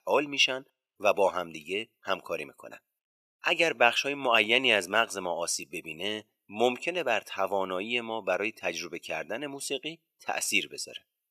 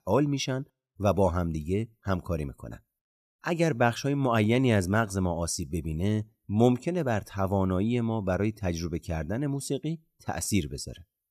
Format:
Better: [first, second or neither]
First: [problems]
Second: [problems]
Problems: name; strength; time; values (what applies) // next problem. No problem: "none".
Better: second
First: thin; very; fading below 550 Hz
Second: none